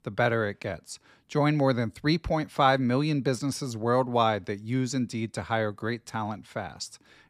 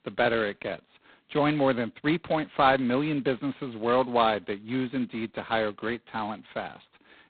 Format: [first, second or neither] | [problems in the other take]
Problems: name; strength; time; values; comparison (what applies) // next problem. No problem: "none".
first | phone-call audio; poor line; nothing above 4 kHz